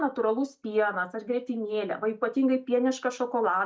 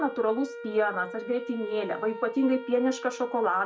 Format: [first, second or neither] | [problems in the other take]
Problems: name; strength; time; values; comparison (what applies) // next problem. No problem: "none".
first | background sound (Wind instrument, woodwind instrument); 12 dB below the speech